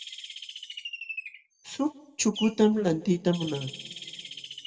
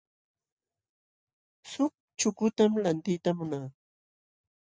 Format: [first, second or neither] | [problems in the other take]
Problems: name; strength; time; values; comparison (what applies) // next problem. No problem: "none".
second | background sound (Bird); 13 dB below the speech // room echo; dies away in 1.2 s